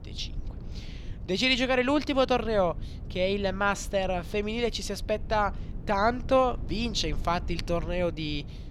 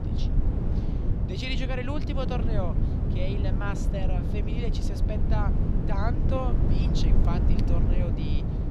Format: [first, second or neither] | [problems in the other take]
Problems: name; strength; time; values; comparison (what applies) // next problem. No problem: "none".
first | low rumble; loud; throughout; 2 dB below the speech; faint in the first